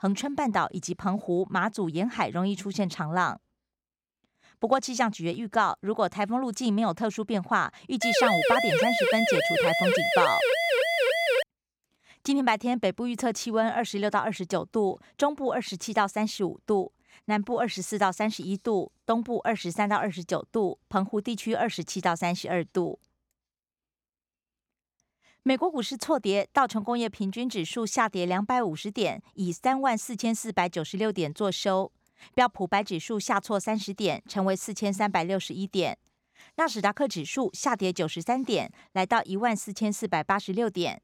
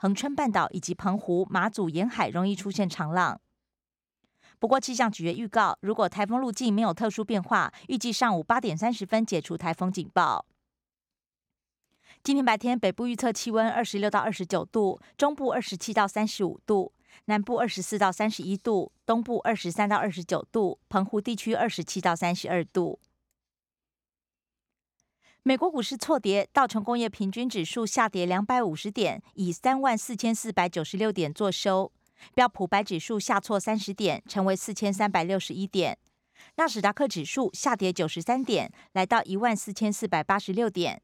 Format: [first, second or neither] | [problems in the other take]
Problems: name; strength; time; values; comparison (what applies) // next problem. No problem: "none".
second | siren; loud; from 8 to 11 s; peak 5 dB above the speech